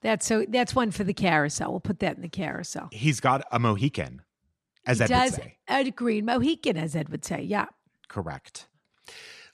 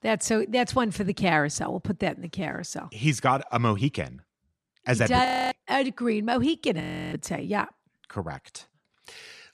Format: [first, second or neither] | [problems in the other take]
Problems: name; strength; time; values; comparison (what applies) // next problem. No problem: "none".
first | audio freezing; at 5.5 s and at 7 s